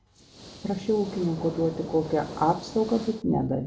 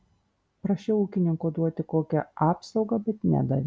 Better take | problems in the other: second | background sound (Hiss); 14 dB below the speech // room echo; dies away in 0.8 s

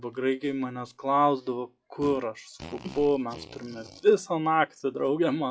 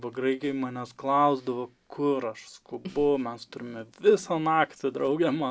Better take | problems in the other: second | noise reduction (classical method log-MMSE)

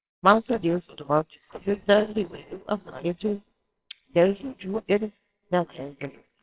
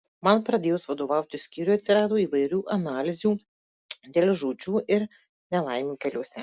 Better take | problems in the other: second | noise reduction (neural separator model SepFormer WHAMR!)

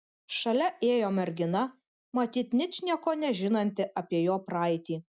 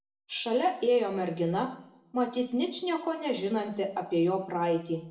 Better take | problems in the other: first | room echo; dies away in 0.6 s

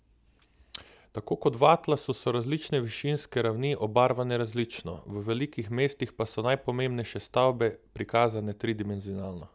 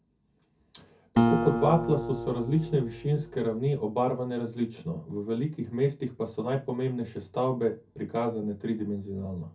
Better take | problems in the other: first | background sound (Acoustic guitar); 2 dB below the speech // room echo; dies away in 0.3 s

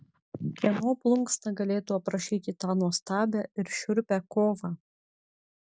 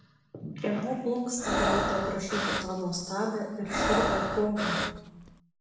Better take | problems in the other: first | background sound (Breathing); 2 dB above the speech // room echo; dies away in 1.2 s

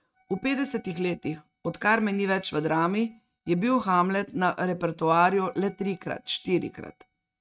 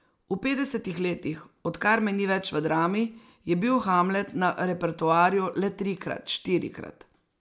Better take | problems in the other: second | noise reduction (neural mask model RNNoise)

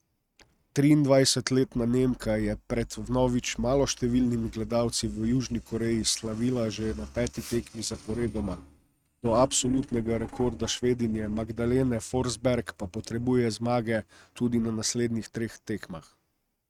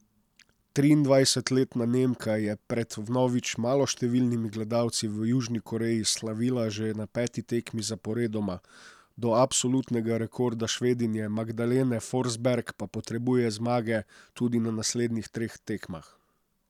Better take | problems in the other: second | noise reduction (neural mask model RNNoise)

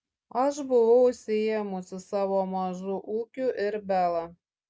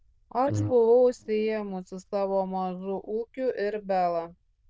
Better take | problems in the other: first | noise reduction (neural diffusion model UNIVERSE++)

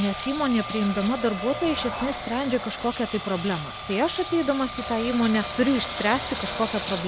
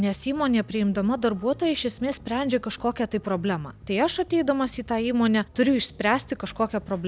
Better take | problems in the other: second | background sound (Engine); 8 dB below the speech

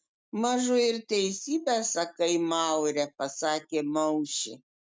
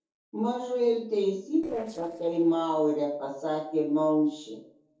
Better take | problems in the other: first | noise reduction (neural separator model SepFormer DNS4)

